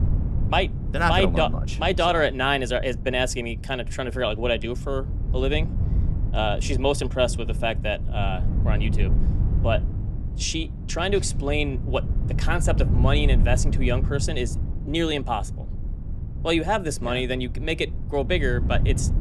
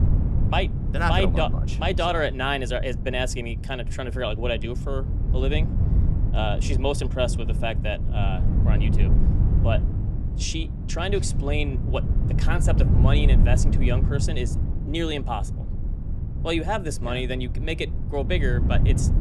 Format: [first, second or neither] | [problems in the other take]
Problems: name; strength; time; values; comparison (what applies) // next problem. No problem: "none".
first | wind noise on the microphone; heavy; 10 dB below the speech; occasional gusts in the first